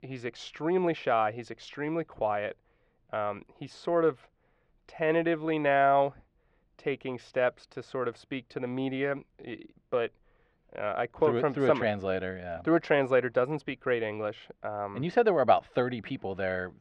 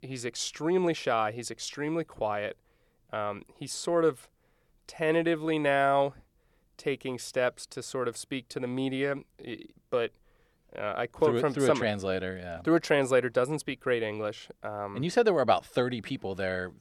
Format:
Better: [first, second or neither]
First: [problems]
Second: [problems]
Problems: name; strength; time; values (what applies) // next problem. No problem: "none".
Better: second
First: muffled; slightly; fading above 2.5 kHz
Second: none